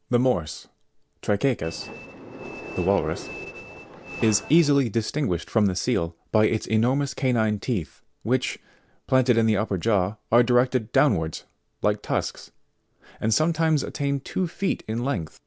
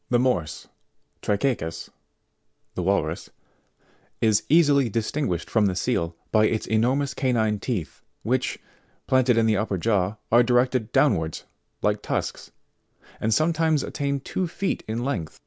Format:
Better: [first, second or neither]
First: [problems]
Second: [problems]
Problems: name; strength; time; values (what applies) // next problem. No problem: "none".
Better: second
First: background sound (Train); 13 dB below the speech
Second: none